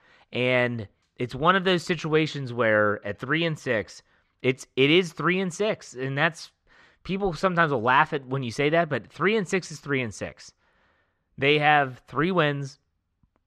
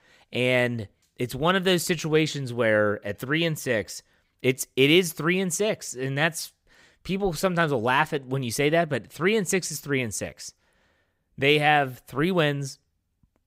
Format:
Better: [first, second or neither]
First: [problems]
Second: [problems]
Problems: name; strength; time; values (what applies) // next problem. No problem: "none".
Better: second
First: muffled; slightly; fading above 4.5 kHz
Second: none